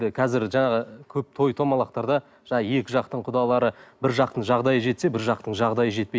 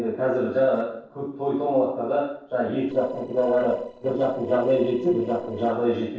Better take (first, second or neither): first